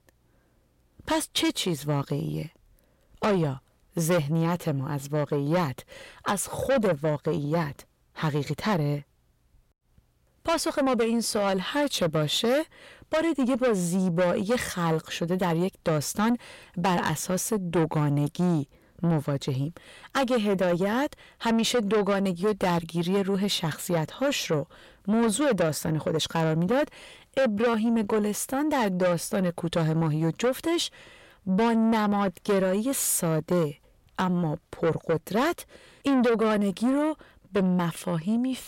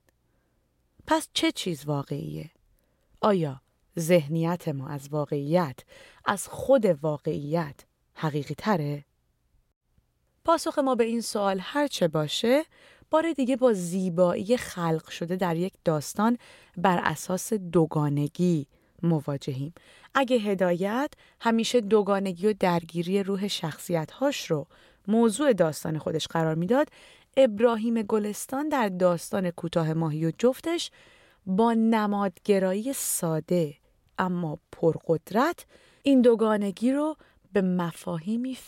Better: second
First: distortion; heavy; 8 dB below the speech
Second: none

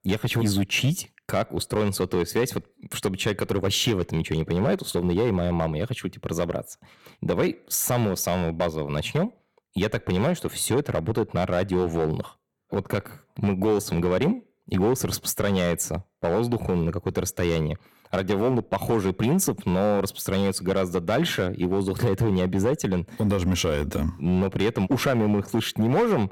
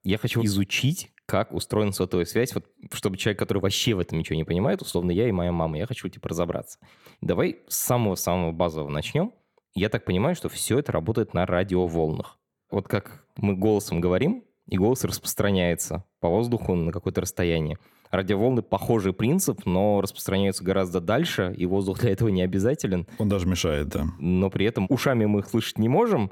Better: second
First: distortion; slight; 6% of the sound clipped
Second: none

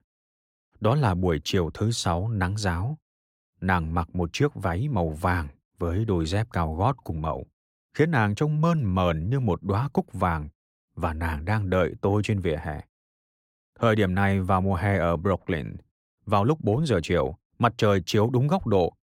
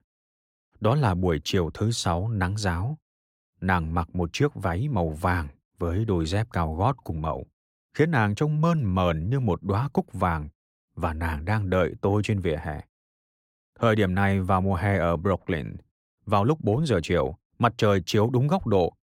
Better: neither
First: none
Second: none

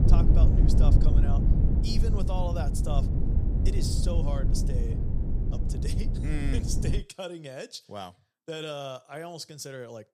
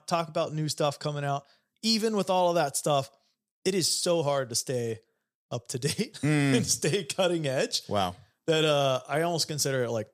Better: second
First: low rumble; loud; until 7 s; 2 dB below the speech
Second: none

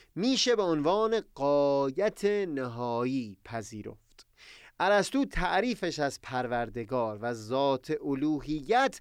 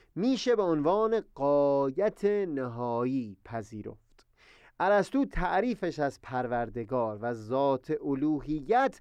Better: first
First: none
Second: muffled; slightly; fading above 2 kHz

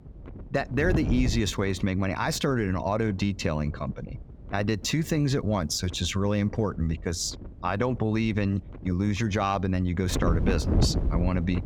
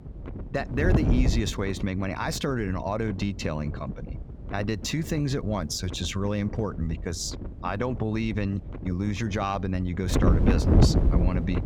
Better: first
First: wind noise on the microphone; occasional gusts; 10 dB below the speech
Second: wind noise on the microphone; heavy; 5 dB below the speech

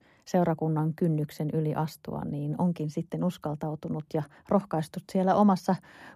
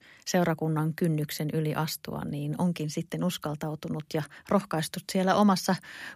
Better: second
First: muffled; slightly; fading above 1 kHz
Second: none

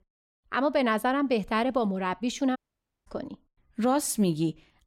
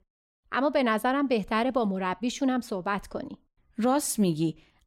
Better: second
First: audio cutting out; at 2.5 s for 0.5 s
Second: none

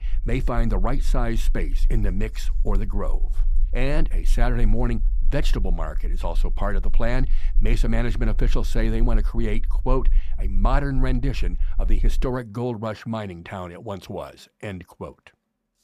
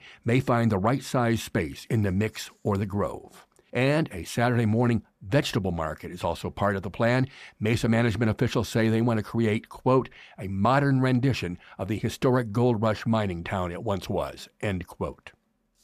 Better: second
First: low rumble; faint; until 12 s; 25 dB below the speech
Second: none

